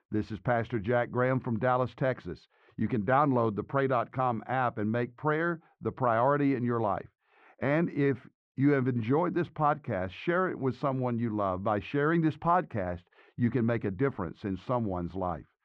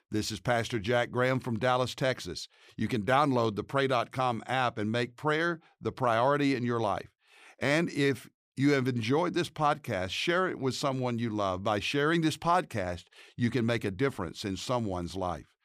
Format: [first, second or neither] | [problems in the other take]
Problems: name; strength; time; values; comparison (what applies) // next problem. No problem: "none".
second | muffled; very; fading above 1.5 kHz